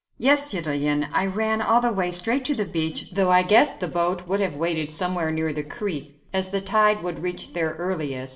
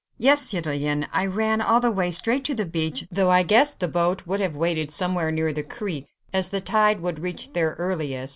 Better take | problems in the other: second | room echo; dies away in 0.7 s

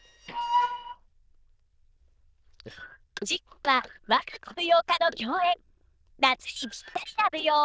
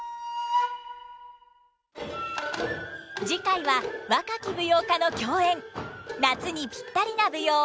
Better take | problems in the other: second | noise reduction (neural diffusion model UNIVERSE++)

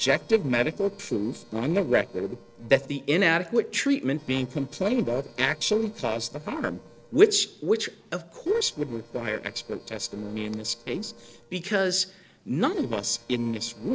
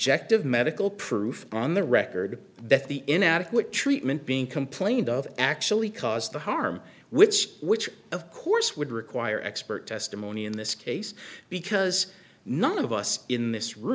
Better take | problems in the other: second | noise reduction (neural separator model SepFormer DNS4)

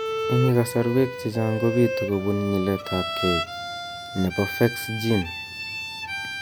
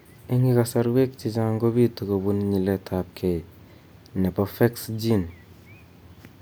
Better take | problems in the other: second | background sound (Bowed string instrument); 6 dB below the speech

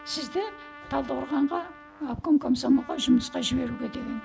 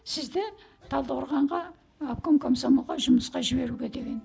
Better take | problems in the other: second | background sound (Trumpet); 19 dB below the speech

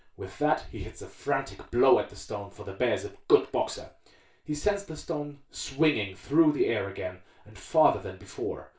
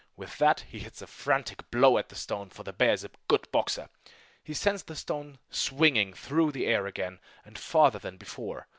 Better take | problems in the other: second | room echo; dies away in 0.3 s

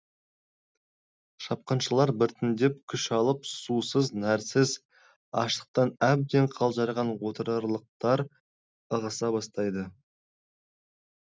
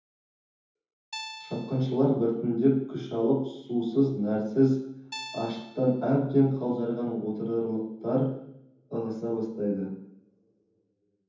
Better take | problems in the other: first | background sound (Guitar); 14 dB below the speech // room echo; dies away in 0.9 s

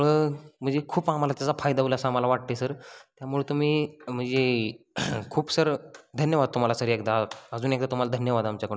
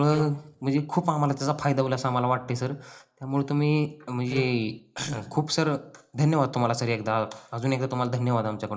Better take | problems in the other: first | noise reduction (neural separator model SepFormer DNS4)

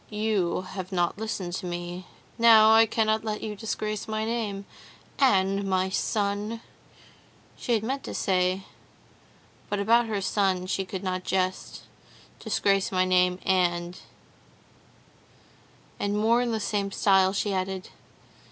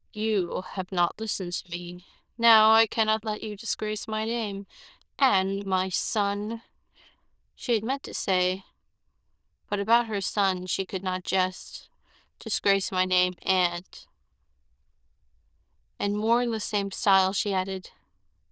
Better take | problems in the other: first | noise reduction (neural diffusion model UNIVERSE++)

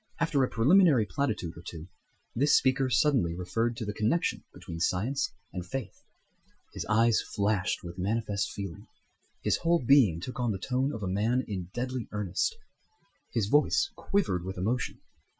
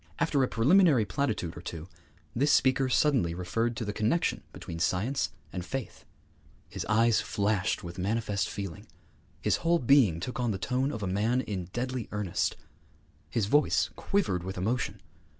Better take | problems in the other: second | noise reduction (classical method Wiener filter)

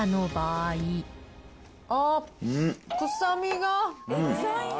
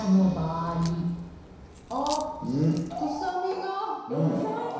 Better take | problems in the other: first | background sound (Crack); 18 dB below the speech // room echo; dies away in 1 s

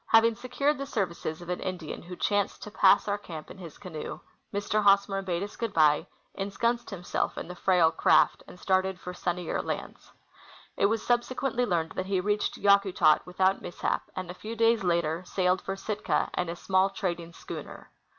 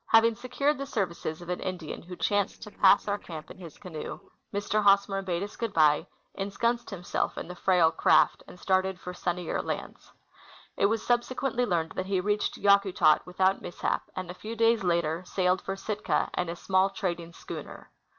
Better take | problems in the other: first | noise reduction (neural separator model SepFormer DNS4)

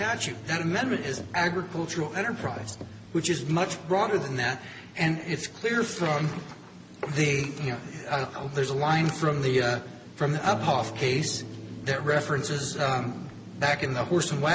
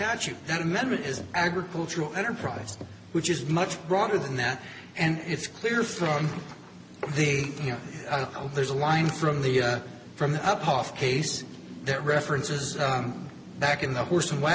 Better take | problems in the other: second | background sound (Harp); 18 dB below the speech

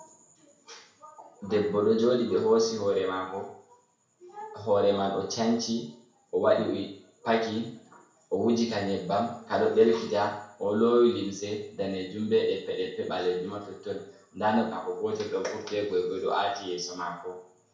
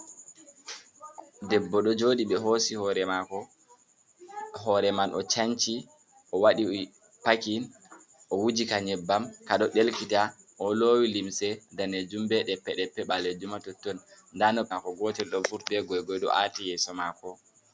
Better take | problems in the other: second | room echo; dies away in 0.6 s

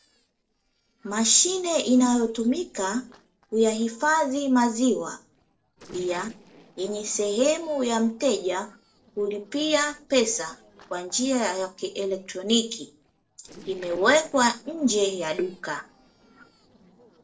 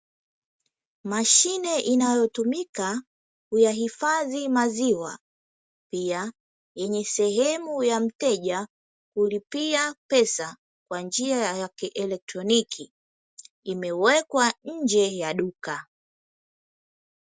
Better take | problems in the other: second | noise reduction (neural separator model SepFormer DNS4)

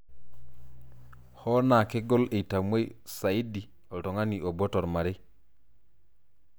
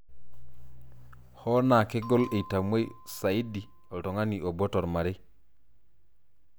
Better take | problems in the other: first | background sound (Bell); 18 dB below the speech

